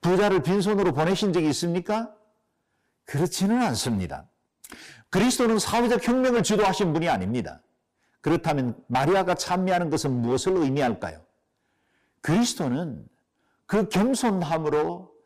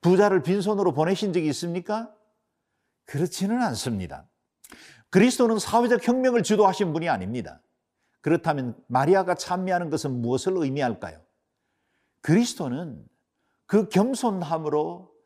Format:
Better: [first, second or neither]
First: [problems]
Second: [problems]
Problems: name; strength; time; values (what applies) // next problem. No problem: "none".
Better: second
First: distortion; heavy; 12% of the sound clipped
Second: none